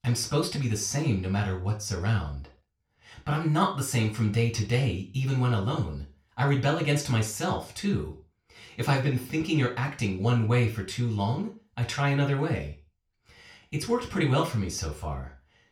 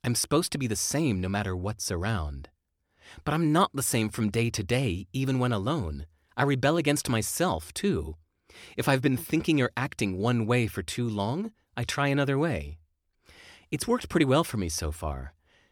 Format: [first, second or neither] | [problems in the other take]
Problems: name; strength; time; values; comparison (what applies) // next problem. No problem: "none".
second | room echo; slight; dies away in 0.3 s // off-mic speech; somewhat distant